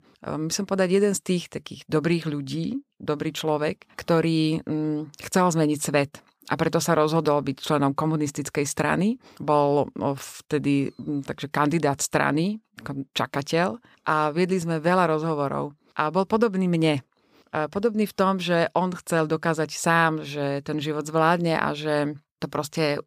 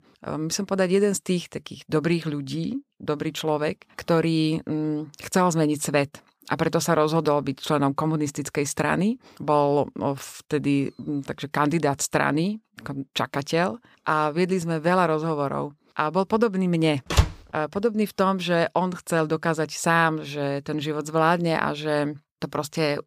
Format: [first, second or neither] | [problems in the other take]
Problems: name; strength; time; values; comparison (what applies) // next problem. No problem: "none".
first | door banging; loud; at 17 s; peak 1 dB above the speech